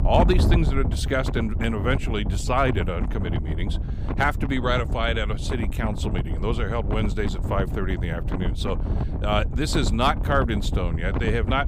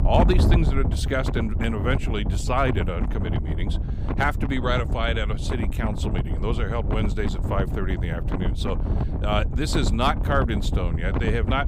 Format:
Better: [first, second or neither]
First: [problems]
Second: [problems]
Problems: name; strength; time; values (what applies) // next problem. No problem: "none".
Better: first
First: wind noise on the microphone; occasional gusts; 10 dB below the speech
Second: wind noise on the microphone; heavy; 8 dB below the speech